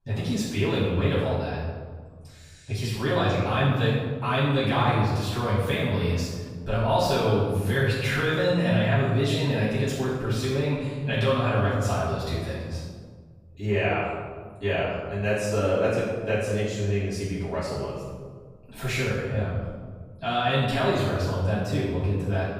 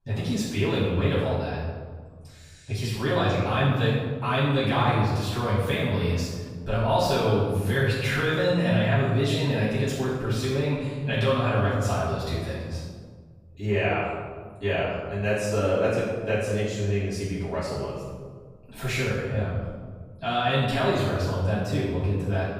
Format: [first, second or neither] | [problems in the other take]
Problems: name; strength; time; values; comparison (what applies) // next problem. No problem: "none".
neither | off-mic speech; far; the same in both // room echo; strong; dies away in 1.5 s; the same in both